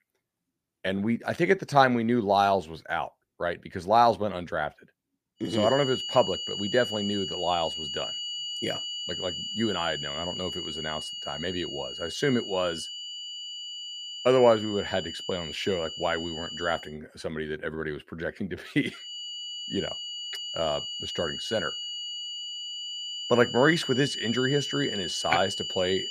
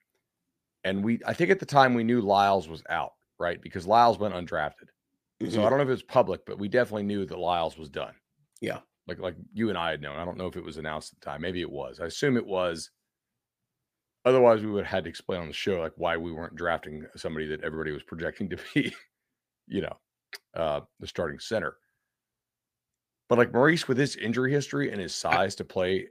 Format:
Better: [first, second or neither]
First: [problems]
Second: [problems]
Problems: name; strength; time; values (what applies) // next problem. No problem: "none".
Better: second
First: high-pitched whine; loud; from 5.5 to 17 s and from 19 s on; 3 kHz, 5 dB below the speech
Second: none